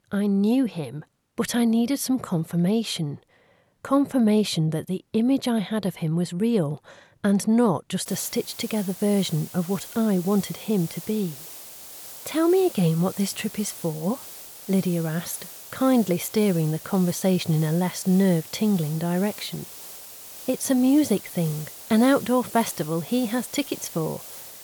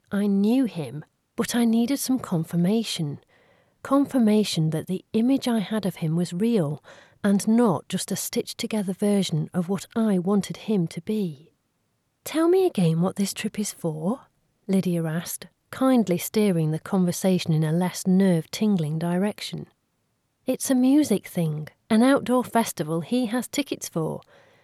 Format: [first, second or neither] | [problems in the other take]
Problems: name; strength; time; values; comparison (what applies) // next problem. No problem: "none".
second | hiss; noticeable; from 8 s on; 15 dB below the speech